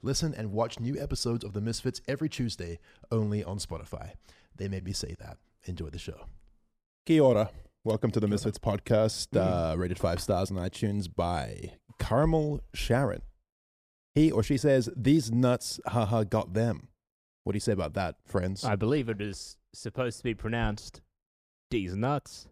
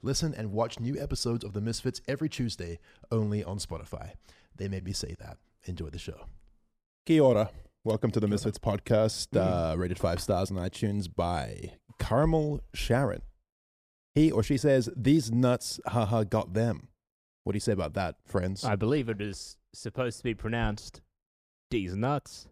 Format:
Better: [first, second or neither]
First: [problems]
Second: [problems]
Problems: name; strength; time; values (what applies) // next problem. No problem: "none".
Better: neither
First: none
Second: none